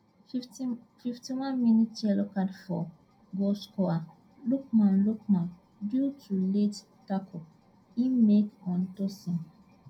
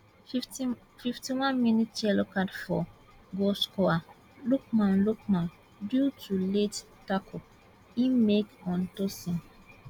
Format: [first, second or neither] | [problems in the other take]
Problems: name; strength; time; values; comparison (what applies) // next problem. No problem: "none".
second | room echo; dies away in 0.2 s